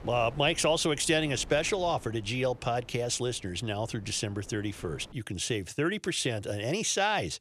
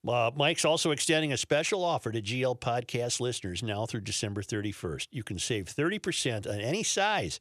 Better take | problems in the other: second | wind noise on the microphone; occasional gusts; until 5 s; 25 dB below the speech

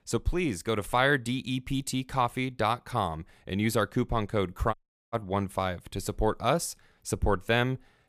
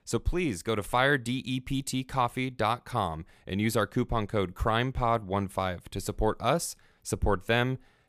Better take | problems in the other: second | audio cutting out; at 4.5 s

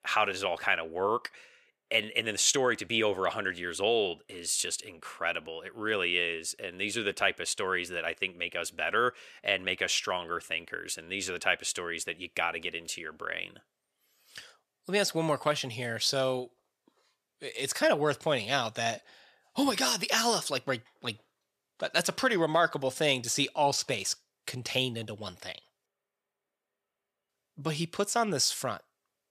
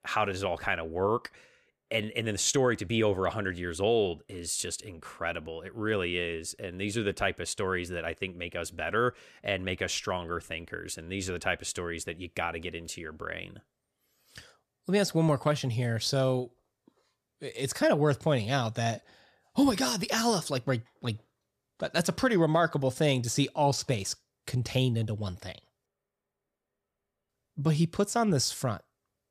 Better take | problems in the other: second | thin; somewhat; fading below 600 Hz

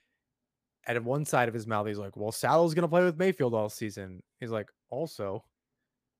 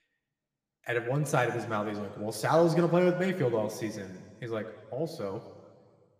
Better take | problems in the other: first | room echo; slight; dies away in 1.6 s

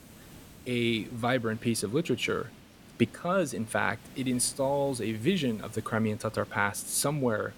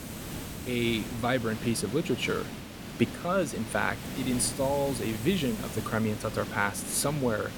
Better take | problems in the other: first | hiss; loud; throughout; 8 dB below the speech; faint in the first

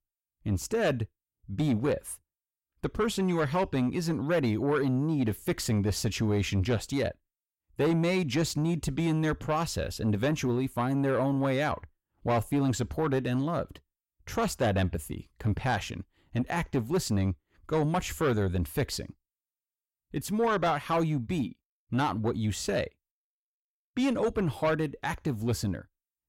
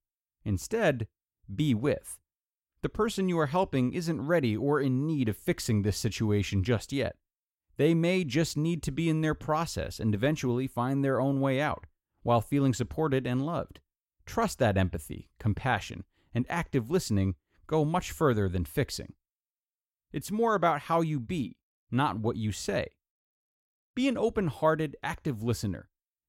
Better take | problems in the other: second | distortion; slight; 10 dB below the speech

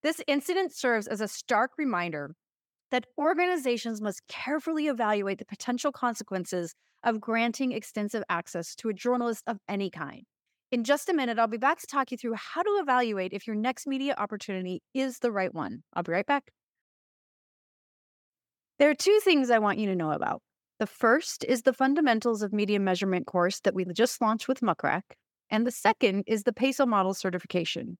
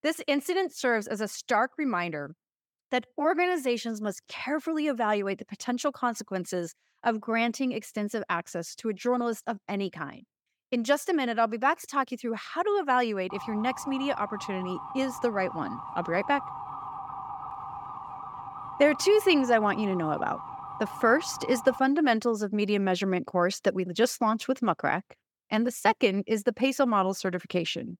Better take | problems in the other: first | siren; noticeable; from 13 to 22 s; peak 10 dB below the speech

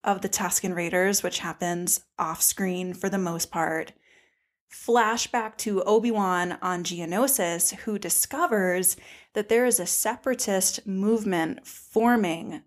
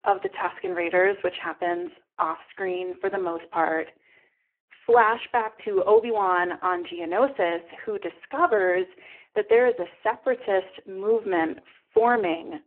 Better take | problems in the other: first | phone-call audio; poor line

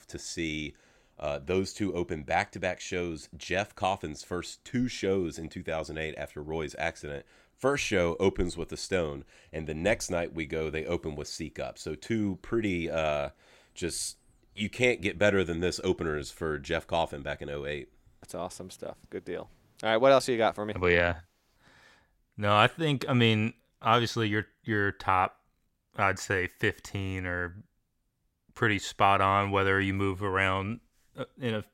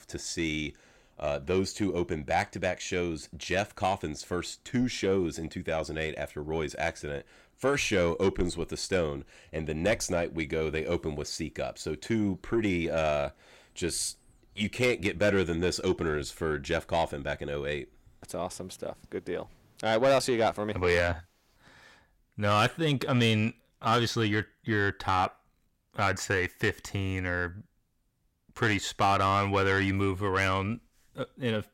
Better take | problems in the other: first | distortion; slight; 10 dB below the speech

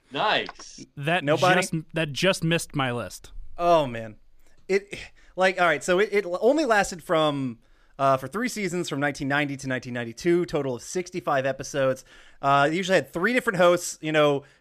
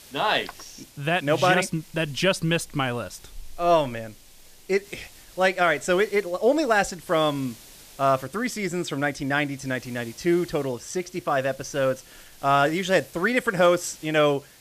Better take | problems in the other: first | hiss; faint; throughout; 25 dB below the speech

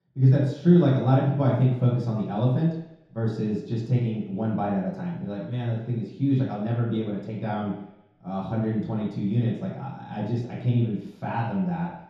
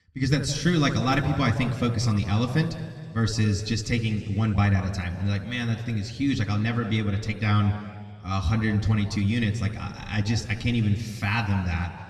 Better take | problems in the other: second | room echo; strong; dies away in 0.8 s; slight in the second // off-mic speech; far; somewhat distant in the second

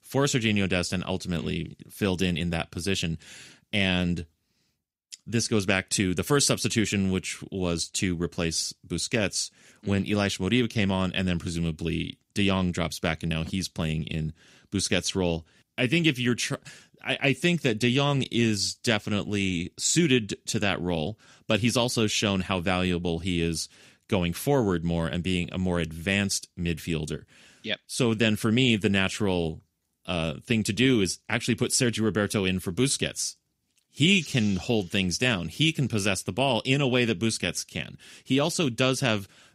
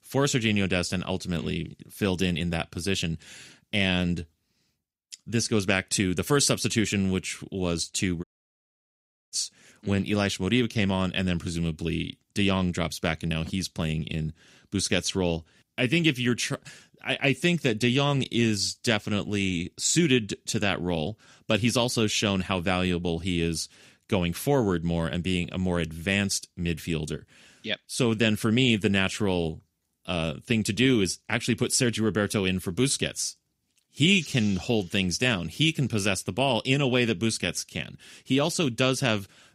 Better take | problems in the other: first | audio cutting out; at 8 s for 1 s

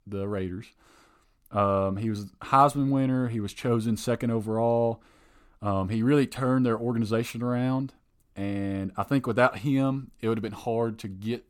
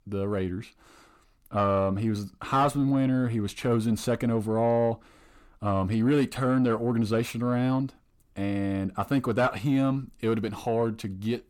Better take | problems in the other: first | distortion; slight; 10 dB below the speech

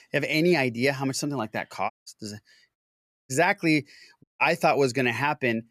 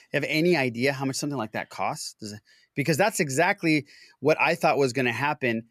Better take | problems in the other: second | audio cutting out; at 2 s, at 3 s for 0.5 s and at 4 s

